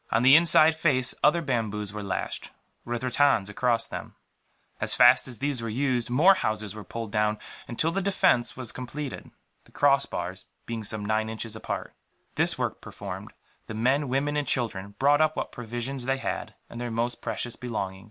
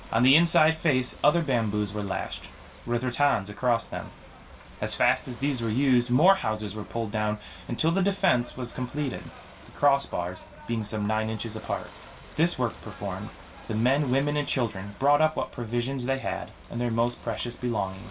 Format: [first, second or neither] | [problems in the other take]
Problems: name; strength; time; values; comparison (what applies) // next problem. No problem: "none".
first | background sound (Ocean / Boat, Water vehicle); 19 dB below the speech // room echo; dies away in 0.2 s